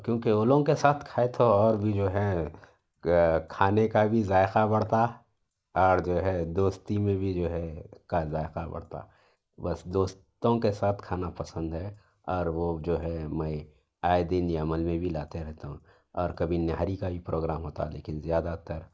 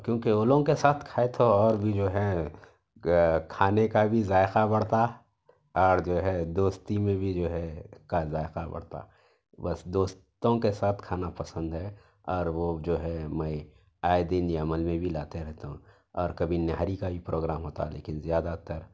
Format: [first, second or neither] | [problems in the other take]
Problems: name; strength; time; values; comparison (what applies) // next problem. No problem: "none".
second | noise reduction (neural mask model Resemble Enhance denoiser)